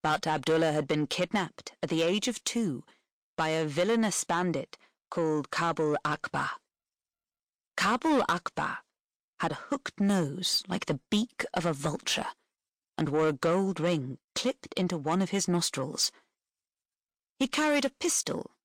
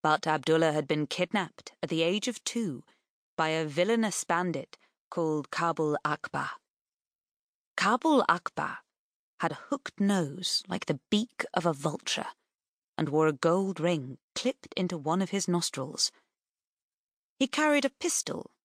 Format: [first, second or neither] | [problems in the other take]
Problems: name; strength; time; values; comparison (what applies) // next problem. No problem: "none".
second | distortion; slight; 10 dB below the speech